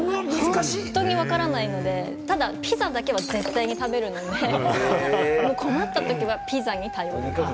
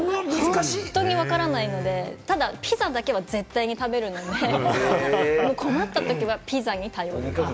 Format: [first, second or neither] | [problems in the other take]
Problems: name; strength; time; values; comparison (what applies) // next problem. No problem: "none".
second | background sound (Musical instrument + Shatter); 9 dB below the speech